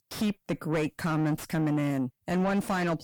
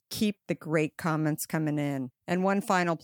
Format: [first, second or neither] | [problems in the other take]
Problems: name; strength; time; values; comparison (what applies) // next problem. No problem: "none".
second | distortion; heavy; 7 dB below the speech